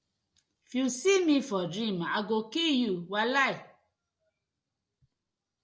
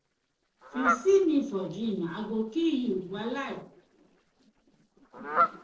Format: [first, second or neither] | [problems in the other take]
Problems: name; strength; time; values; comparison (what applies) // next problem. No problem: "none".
first | noise reduction (neural separator model SepFormer DNS4)